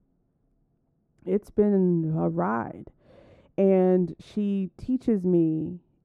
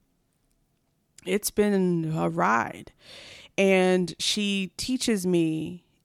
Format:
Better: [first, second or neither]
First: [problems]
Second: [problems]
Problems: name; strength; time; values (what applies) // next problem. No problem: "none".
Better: second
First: muffled; very; fading above 1.5 kHz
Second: none